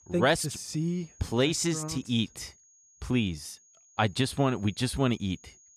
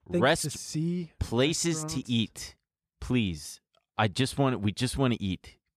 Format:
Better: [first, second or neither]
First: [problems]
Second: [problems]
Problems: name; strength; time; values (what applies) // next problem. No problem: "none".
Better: second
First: high-pitched whine; faint; throughout; 6.5 kHz, 25 dB below the speech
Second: none